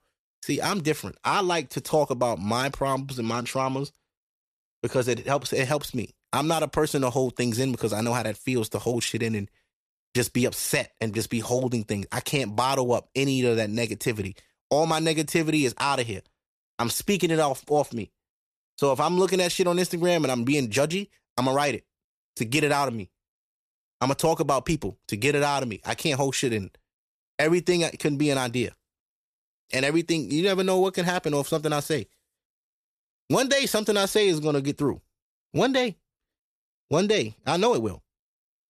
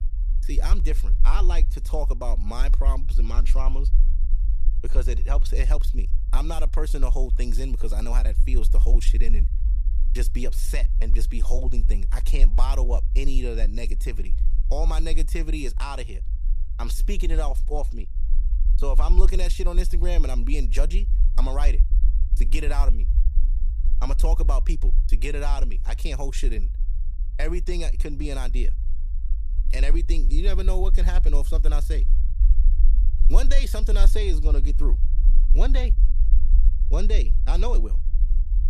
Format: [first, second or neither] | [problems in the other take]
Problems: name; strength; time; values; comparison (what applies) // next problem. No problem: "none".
first | low rumble; noticeable; throughout; 15 dB below the speech